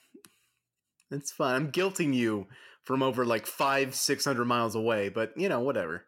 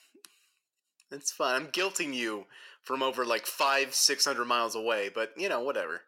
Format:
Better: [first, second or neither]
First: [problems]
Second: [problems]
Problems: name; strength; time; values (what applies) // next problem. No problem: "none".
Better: first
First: none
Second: thin; somewhat; fading below 450 Hz